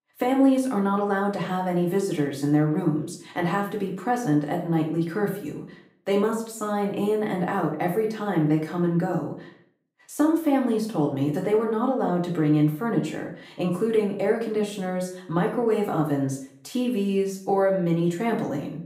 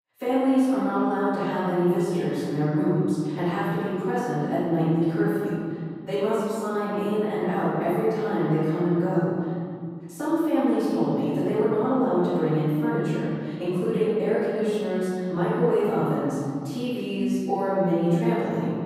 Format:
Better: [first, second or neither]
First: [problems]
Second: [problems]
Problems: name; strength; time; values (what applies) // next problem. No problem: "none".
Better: first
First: room echo; slight; dies away in 0.5 s // off-mic speech; far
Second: room echo; strong; dies away in 2.3 s // off-mic speech; far